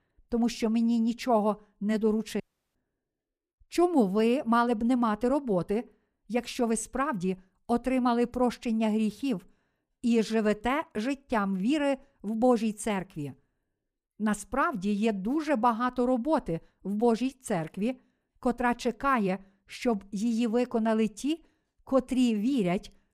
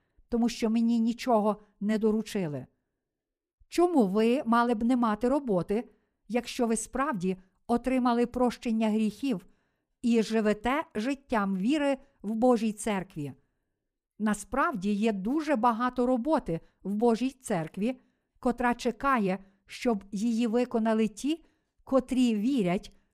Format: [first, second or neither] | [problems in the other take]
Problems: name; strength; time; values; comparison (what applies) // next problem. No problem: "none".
second | audio cutting out; at 2.5 s